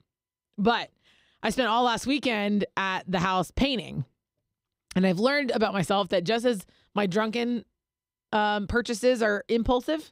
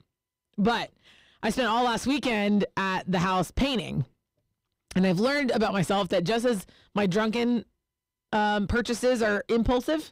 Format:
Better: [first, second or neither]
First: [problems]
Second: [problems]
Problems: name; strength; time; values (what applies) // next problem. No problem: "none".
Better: first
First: none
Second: distortion; slight; 10 dB below the speech